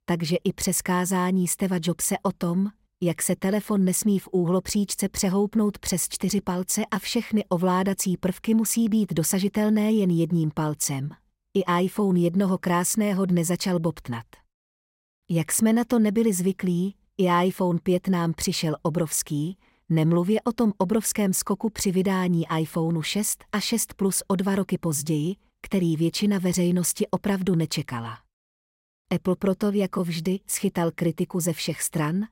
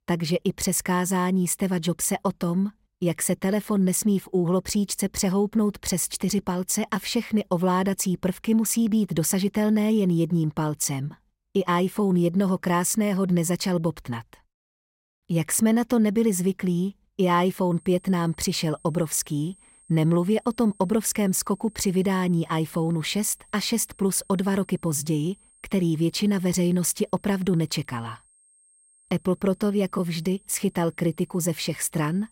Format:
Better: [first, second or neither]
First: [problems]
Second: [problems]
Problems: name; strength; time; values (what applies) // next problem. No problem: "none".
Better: first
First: none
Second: high-pitched whine; faint; from 18 s on; 8.5 kHz, 30 dB below the speech